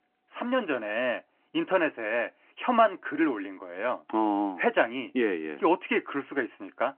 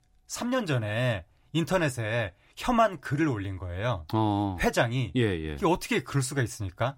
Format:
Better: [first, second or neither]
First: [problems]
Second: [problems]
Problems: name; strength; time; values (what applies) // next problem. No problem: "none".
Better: second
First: phone-call audio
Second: none